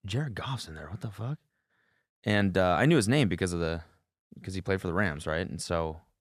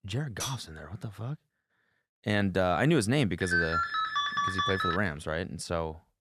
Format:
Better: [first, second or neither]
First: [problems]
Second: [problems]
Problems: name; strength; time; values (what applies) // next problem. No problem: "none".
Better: first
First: none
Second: clattering dishes; noticeable; at 0.5 s; peak 7 dB below the speech // phone ringing; loud; from 3.5 to 5 s; peak 3 dB above the speech